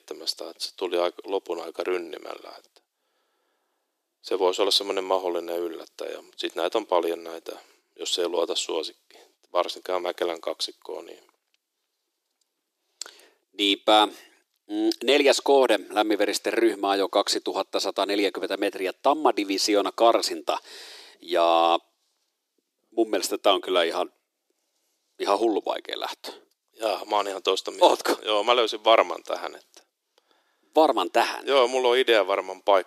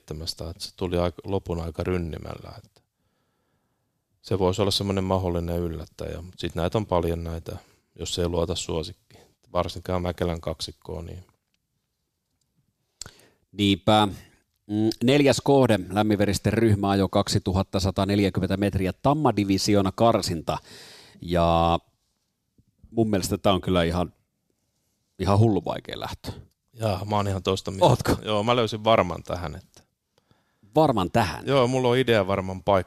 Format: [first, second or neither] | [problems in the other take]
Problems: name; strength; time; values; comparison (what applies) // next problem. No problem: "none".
second | thin; very; fading below 350 Hz